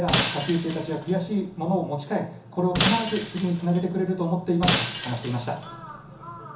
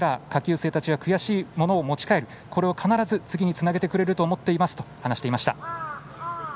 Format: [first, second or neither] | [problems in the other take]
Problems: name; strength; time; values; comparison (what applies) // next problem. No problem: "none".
second | background sound (Shatter); 4 dB below the speech // room echo; dies away in 0.7 s